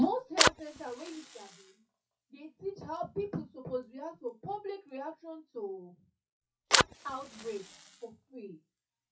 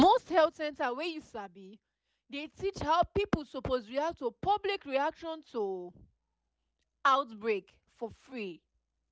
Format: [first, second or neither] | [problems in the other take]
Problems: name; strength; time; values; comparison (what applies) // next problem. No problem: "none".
second | noise reduction (classical method WPE with log-MMSE)